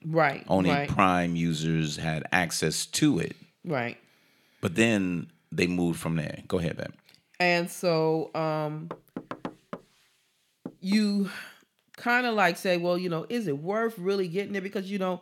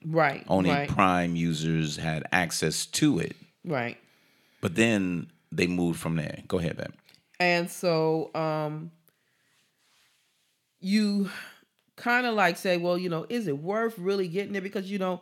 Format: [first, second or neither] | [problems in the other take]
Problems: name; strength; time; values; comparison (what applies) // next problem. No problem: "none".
second | door banging; faint; from 9 to 12 s; peak 10 dB below the speech